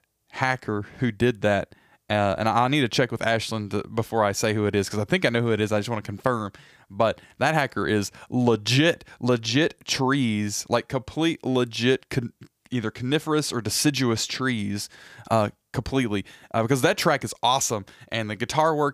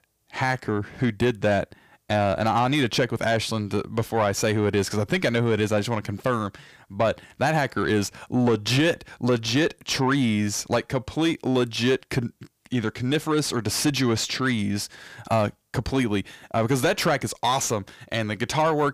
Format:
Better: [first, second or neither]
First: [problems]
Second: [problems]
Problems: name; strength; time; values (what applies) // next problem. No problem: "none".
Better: first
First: none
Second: distortion; slight; 10 dB below the speech